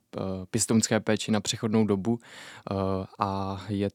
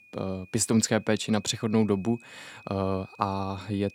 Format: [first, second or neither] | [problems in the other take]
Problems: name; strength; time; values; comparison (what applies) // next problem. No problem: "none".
first | high-pitched whine; faint; throughout; 2.5 kHz, 25 dB below the speech